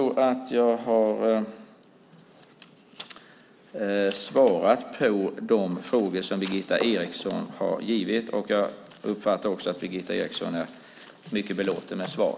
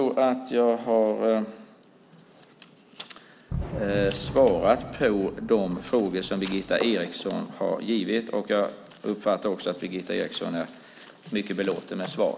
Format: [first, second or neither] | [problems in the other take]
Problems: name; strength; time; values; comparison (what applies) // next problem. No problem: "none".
first | background sound (Fireworks); 10 dB below the speech